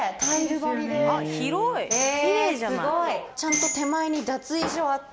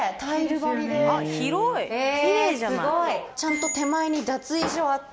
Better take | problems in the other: second | background sound (Tambourine); 8 dB below the speech

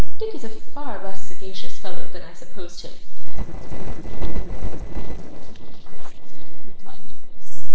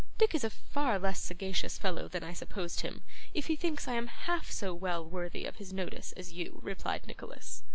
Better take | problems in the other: second | noise reduction (neural separator model SepFormer DNS4)

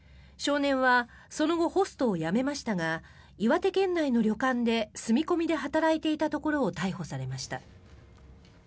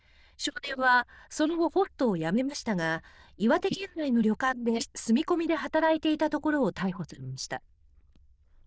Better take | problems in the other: first | noise reduction (neural diffusion model UNIVERSE++)

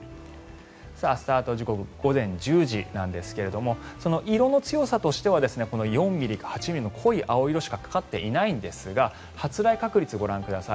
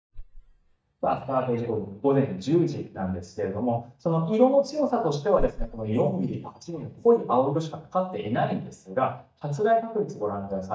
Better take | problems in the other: first | noise reduction (neural mask model DeepFilterNet 3)

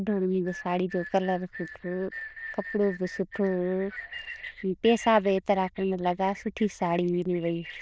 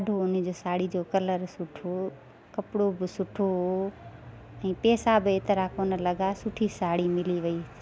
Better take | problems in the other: second | noise reduction (neural diffusion model UNIVERSE++)

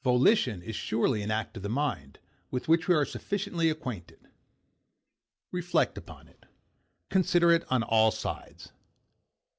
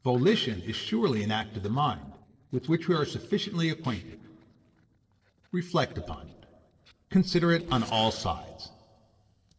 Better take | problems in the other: first | noise reduction (neural separator model SepFormer DNS4)

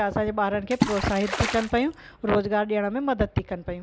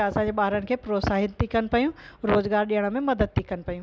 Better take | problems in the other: second | background sound (Water / Splash, splatter); 5 dB below the speech

